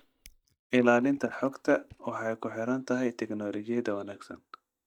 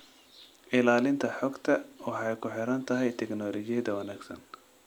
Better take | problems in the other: second | noise reduction (neural mask model DeepFilterNet 3)

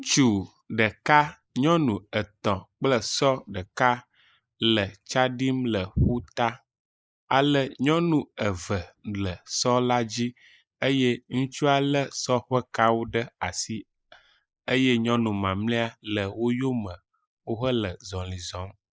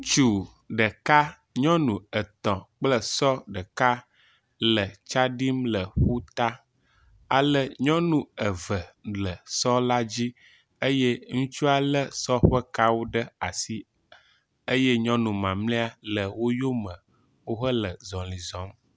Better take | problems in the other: second | noise reduction (neural mask model Resemble Enhance denoiser)

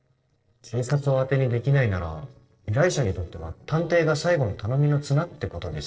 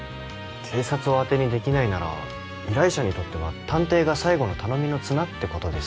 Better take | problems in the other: second | noise reduction (neural separator model SepFormer DNS4)

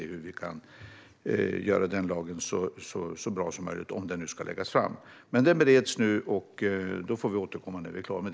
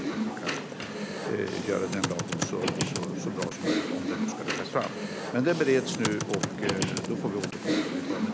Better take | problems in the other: first | background sound (Computer keyboard); 1 dB above the speech

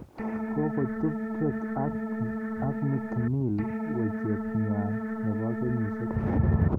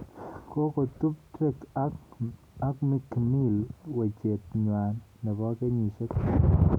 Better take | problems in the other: second | background sound (Organ); 2 dB below the speech

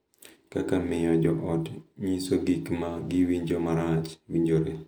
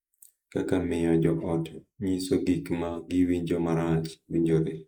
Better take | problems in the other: first | noise reduction (neural mask model Resemble Enhance denoiser)

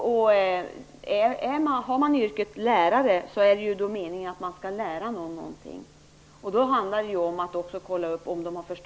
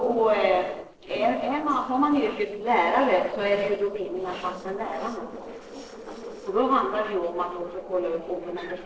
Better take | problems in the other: first | noise reduction (neural separator model SepFormer DNS4)

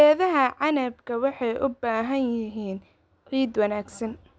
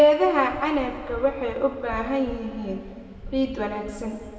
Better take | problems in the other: first | background sound (Waves, surf); 17 dB below the speech // room echo; dies away in 1.9 s

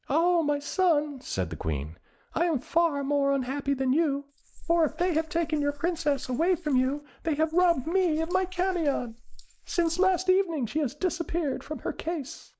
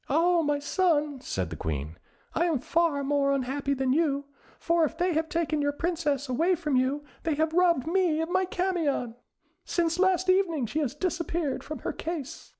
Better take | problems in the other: second | noise reduction (neural mask model Resemble Enhance denoiser)

